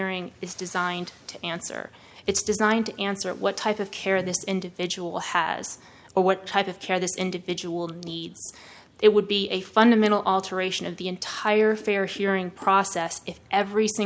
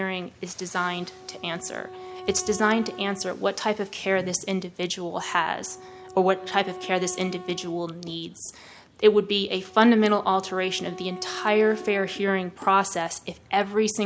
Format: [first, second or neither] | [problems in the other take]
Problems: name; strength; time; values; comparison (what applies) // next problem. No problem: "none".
first | background sound (Wind instrument, woodwind instrument); 18 dB below the speech